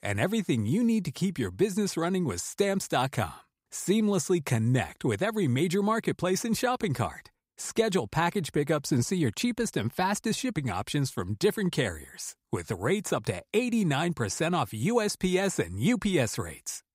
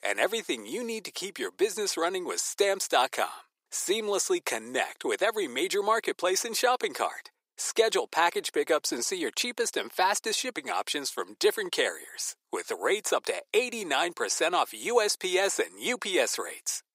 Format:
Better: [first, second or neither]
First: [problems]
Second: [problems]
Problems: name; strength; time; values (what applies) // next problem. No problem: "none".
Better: first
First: none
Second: thin; very; fading below 400 Hz